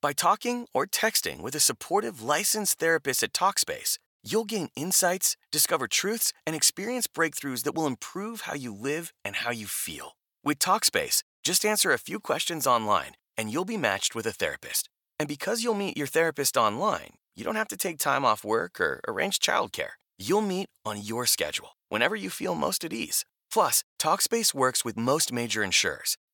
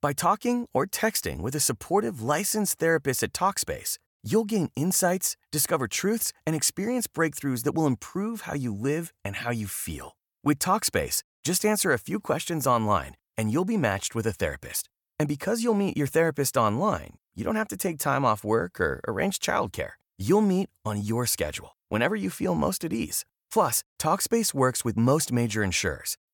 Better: second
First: thin; very slightly; fading below 950 Hz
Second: none

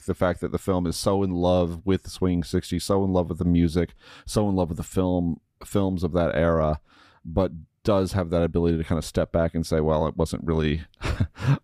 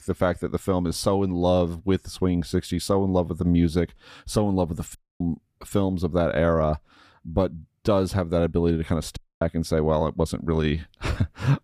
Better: first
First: none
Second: audio cutting out; at 5 s and at 9 s

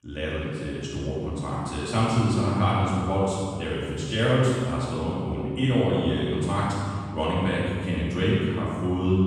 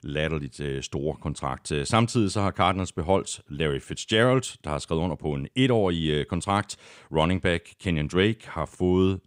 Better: second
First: off-mic speech; far // room echo; strong; dies away in 1.9 s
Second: none

